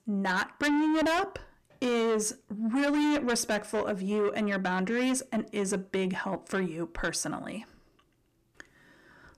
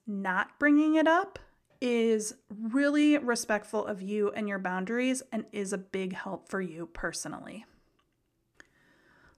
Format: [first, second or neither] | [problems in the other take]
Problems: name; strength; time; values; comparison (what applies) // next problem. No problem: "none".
second | distortion; heavy; 6 dB below the speech